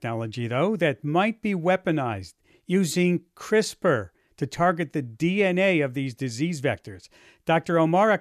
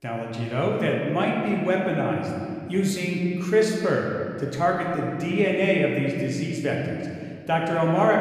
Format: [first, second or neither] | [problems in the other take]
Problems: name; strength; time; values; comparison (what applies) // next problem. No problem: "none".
first | room echo; noticeable; dies away in 2.1 s // off-mic speech; somewhat distant